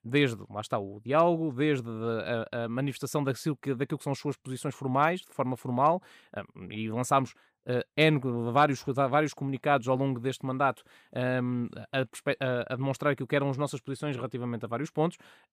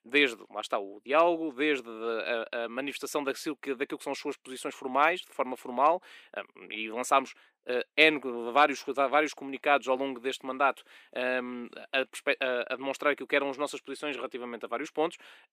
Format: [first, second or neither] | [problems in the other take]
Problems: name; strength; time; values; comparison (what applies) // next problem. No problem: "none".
first | thin; somewhat; fading below 300 Hz